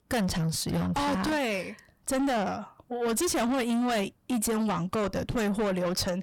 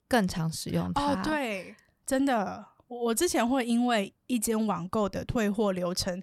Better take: second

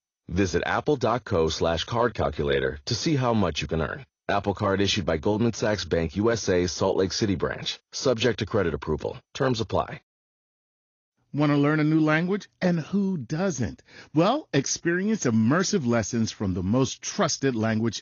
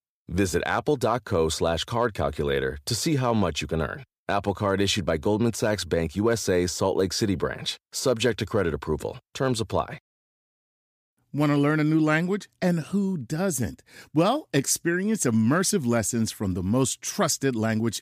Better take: second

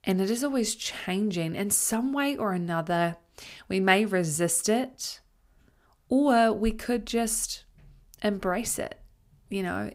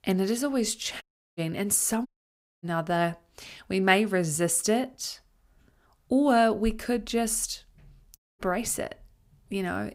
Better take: first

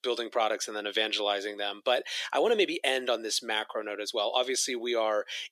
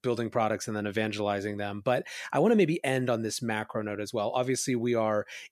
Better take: second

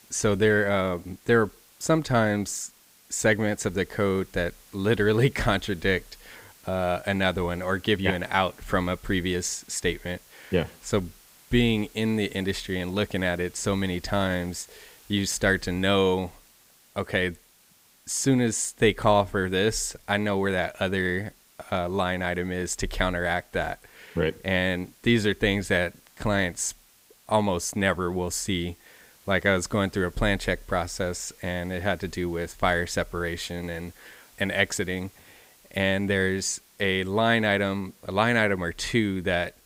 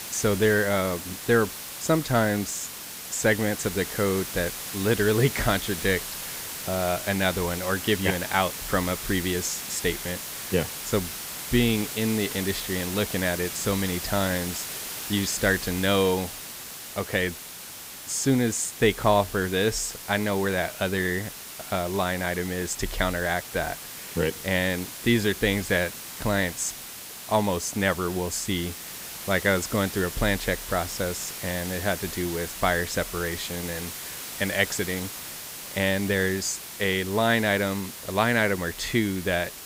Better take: first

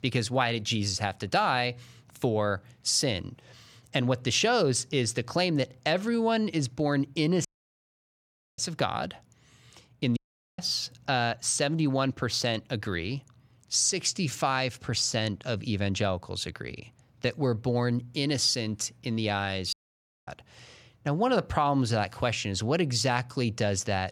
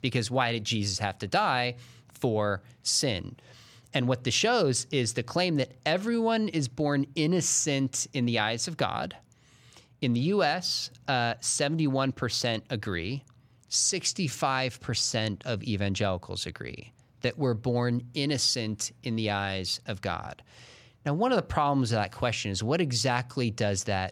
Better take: second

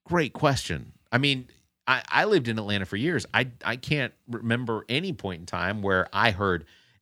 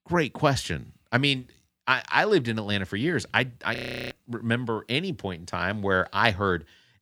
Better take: first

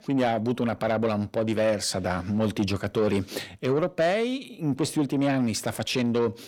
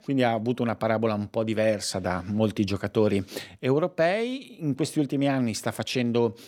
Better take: second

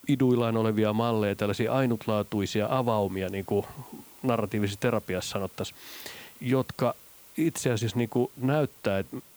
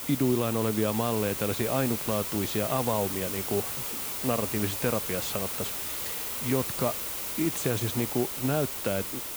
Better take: first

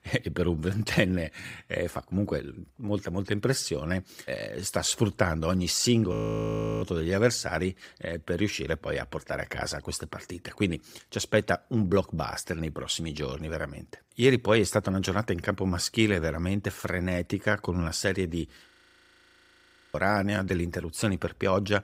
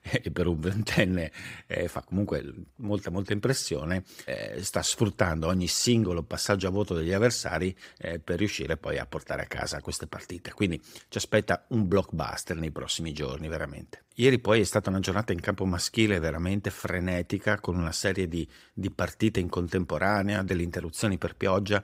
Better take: second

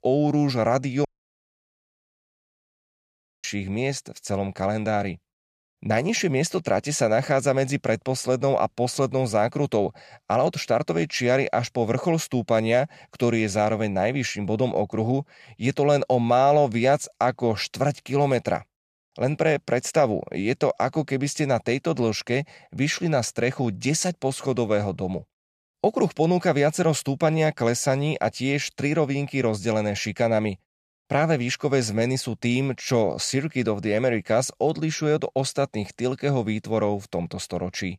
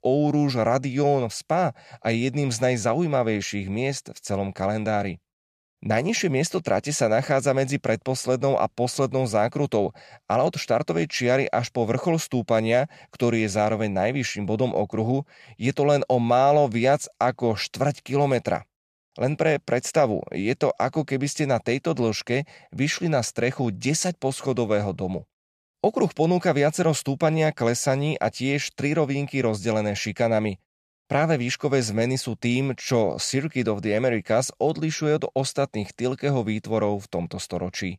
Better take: second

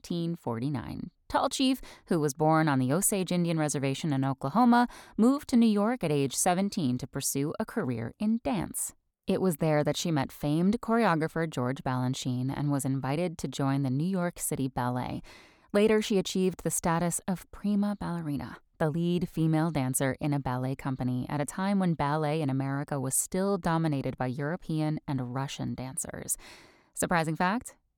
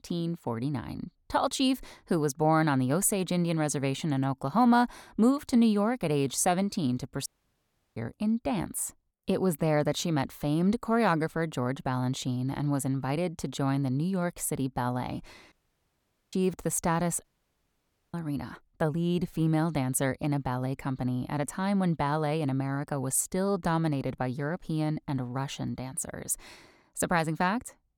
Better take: first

